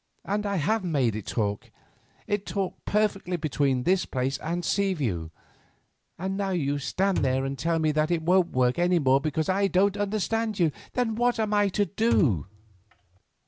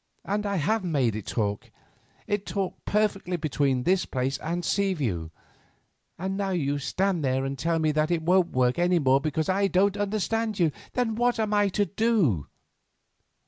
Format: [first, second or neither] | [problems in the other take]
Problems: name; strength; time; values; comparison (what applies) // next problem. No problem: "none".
second | background sound (Thump, thud); 9 dB below the speech